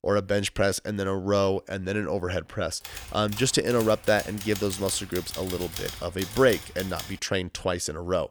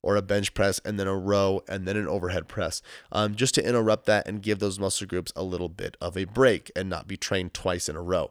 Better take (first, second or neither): second